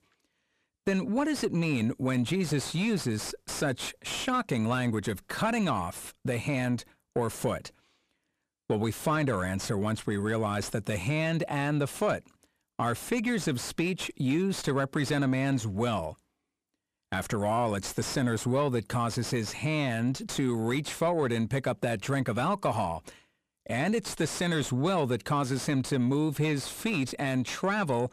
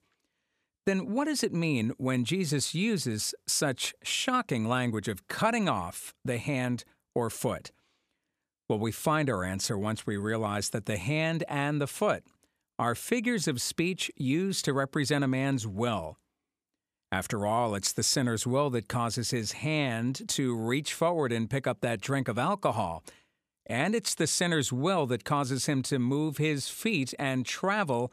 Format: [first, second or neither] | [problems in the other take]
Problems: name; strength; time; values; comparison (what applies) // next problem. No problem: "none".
second | distortion; slight; 10 dB below the speech